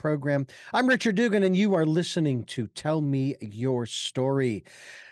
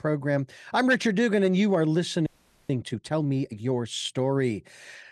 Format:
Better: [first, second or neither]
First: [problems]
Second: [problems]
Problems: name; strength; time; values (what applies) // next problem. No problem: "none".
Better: first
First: none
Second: audio freezing; at 2.5 s